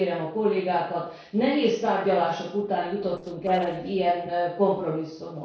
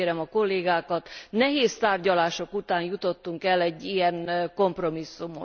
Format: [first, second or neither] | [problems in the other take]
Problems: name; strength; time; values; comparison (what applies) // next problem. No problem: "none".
second | noise reduction (neural separator model SepFormer DNS4)